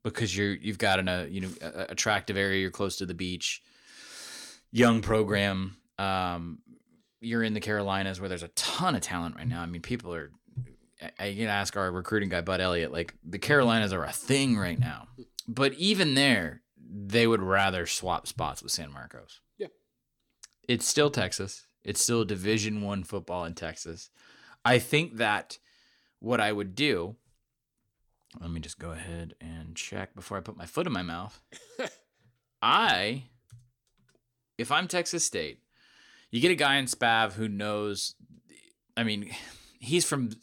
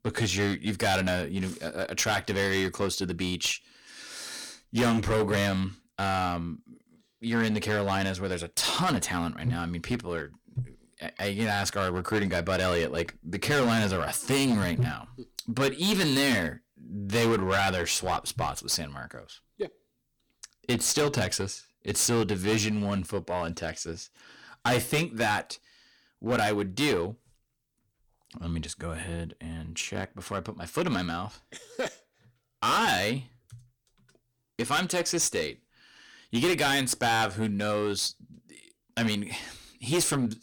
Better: first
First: none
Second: distortion; heavy; 8% of the sound clipped

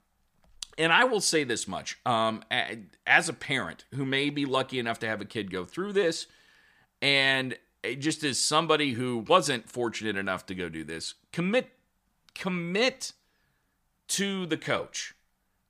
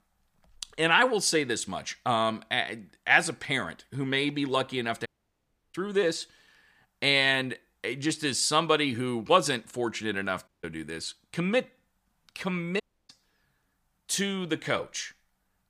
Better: first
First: none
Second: audio cutting out; at 5 s for 0.5 s, at 10 s and at 13 s

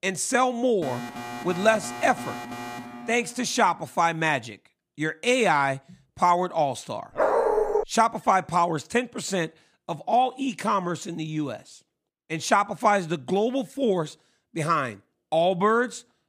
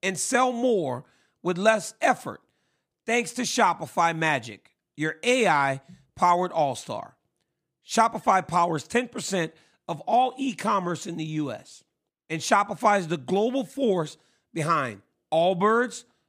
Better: second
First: alarm; faint; from 1 to 3.5 s; peak 10 dB below the speech // dog barking; loud; at 7 s; peak 2 dB above the speech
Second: none

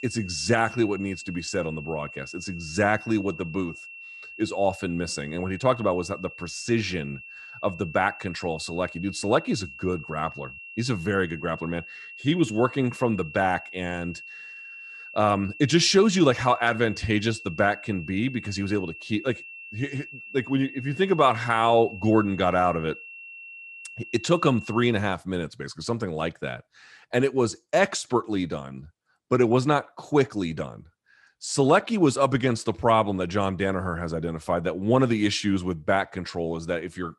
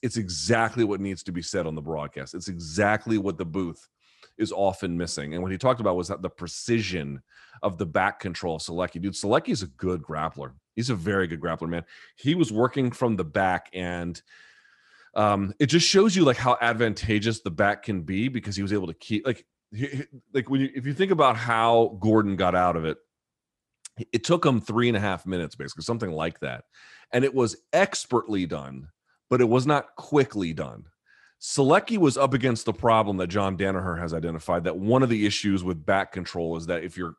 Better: second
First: high-pitched whine; noticeable; until 25 s; 2.5 kHz, 15 dB below the speech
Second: none

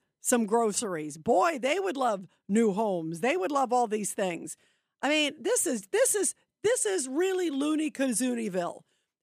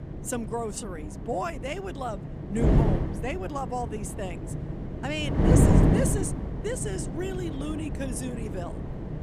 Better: first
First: none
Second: wind noise on the microphone; heavy; as loud as the speech

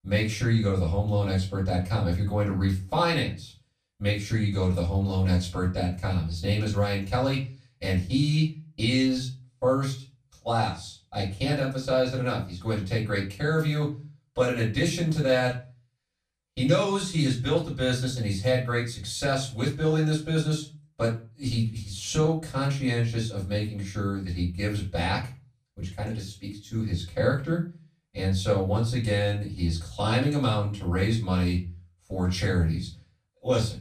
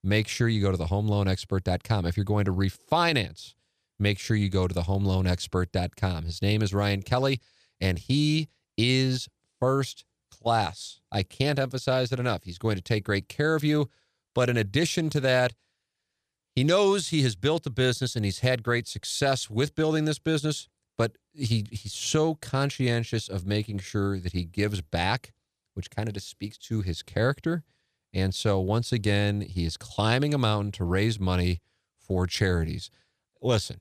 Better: second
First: off-mic speech; far // room echo; slight; dies away in 0.3 s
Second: none

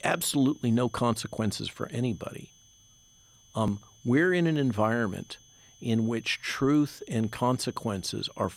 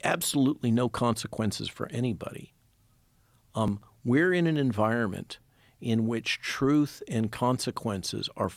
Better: second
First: high-pitched whine; faint; throughout; 6 kHz, 25 dB below the speech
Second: none

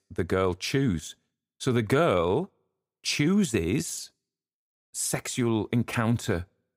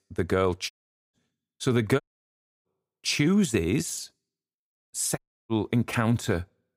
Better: first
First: none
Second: audio cutting out; at 0.5 s, at 2 s for 0.5 s and at 5 s

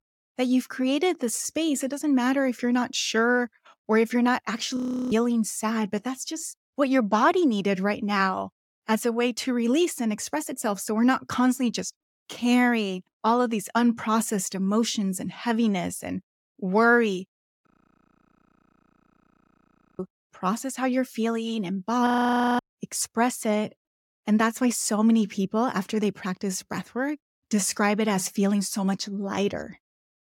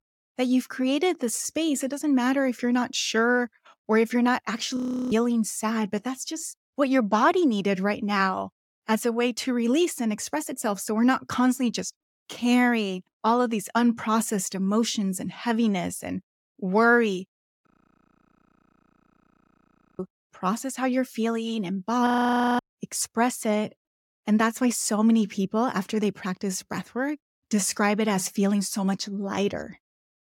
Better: neither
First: audio freezing; at 5 s, at 18 s for 2.5 s and at 22 s for 0.5 s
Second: audio freezing; at 5 s, at 18 s for 2.5 s and at 22 s for 0.5 s

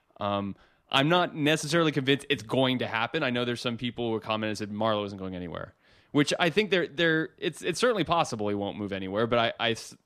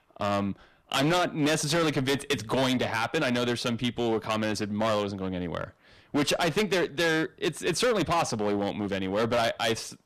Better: first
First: none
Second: distortion; heavy; 13% of the sound clipped

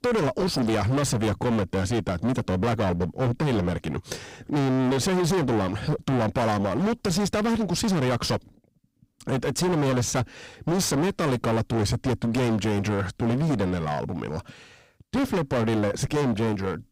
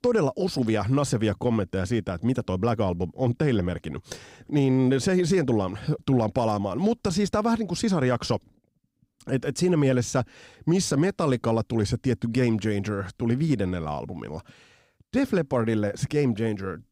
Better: second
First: distortion; heavy; 28% of the sound clipped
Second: none

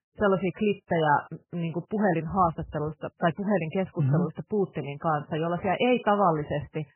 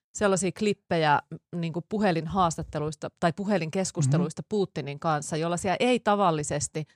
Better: second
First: garbled, watery; badly; nothing above 3 kHz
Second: none

